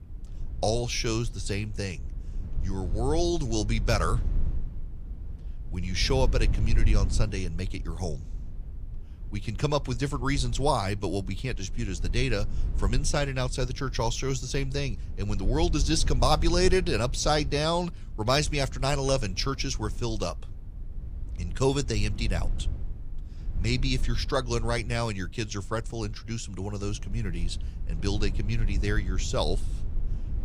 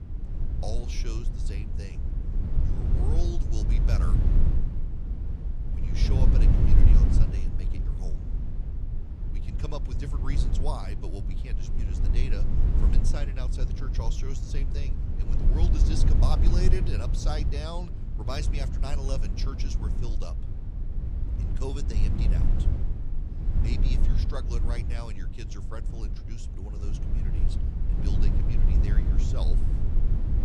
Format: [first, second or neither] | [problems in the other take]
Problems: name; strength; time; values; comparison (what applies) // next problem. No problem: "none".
first | low rumble; loud; throughout; 2 dB below the speech; faint in the first